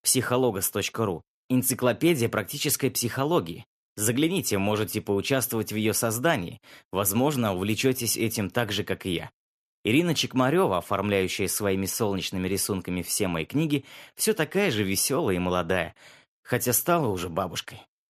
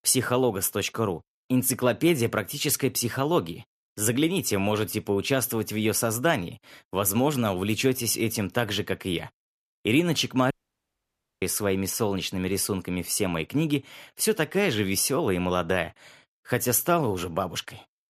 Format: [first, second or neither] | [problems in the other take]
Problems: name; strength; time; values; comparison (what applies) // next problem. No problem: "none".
first | audio cutting out; at 11 s for 1 s